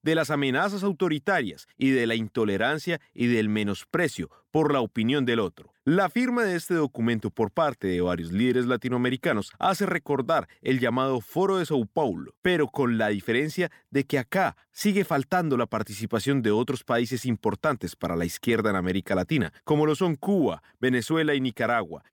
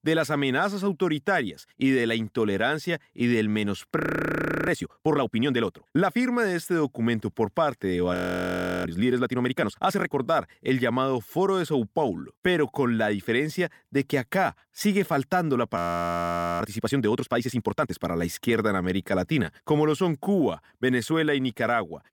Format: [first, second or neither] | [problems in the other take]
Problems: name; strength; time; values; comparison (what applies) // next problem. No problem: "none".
first | audio freezing; at 4 s for 0.5 s, at 8 s for 0.5 s and at 16 s for 1 s